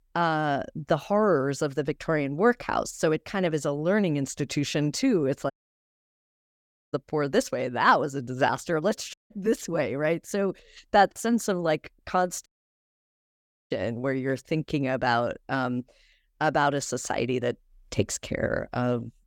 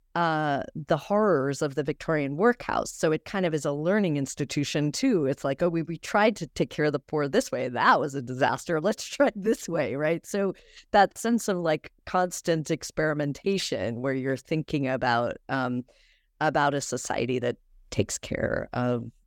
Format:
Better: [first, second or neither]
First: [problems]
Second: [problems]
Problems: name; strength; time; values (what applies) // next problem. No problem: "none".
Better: second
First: audio cutting out; at 5.5 s for 1.5 s, at 9 s and at 12 s for 1 s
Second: none